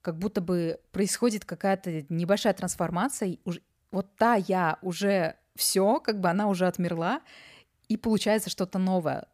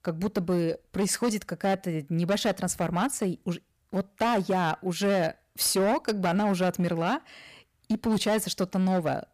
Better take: first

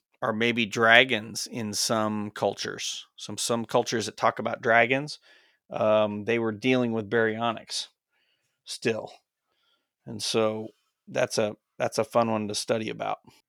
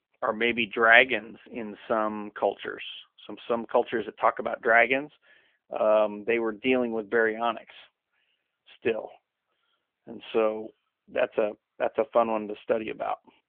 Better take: first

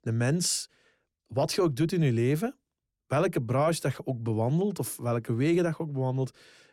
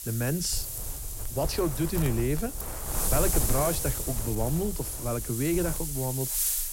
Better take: first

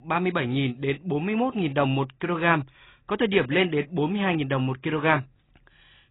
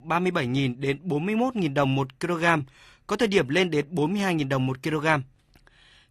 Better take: second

